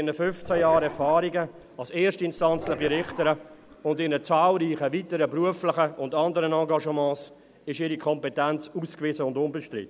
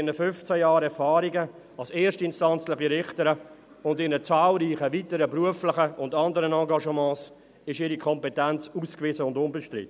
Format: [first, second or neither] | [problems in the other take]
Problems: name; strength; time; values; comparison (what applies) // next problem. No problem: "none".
second | background sound (Dog); 12 dB below the speech